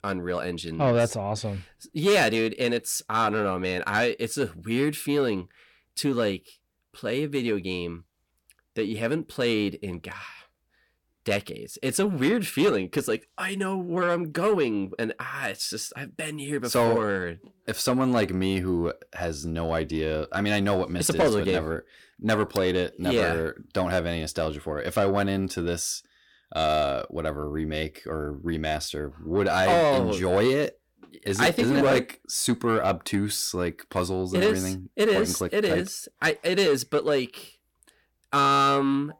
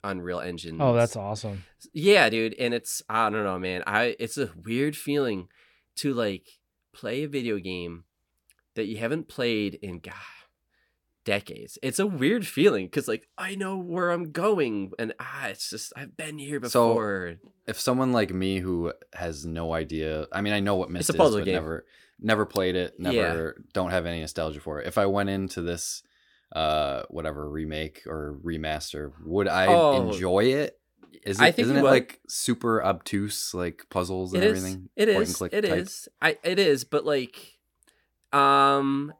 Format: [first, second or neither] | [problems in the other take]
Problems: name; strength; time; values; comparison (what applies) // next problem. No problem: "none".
second | distortion; slight; 10 dB below the speech